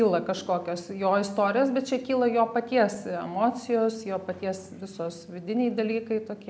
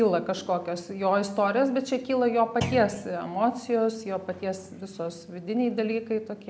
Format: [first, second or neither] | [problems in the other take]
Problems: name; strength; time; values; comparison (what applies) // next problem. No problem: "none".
first | background sound (Thump, thud); 6 dB below the speech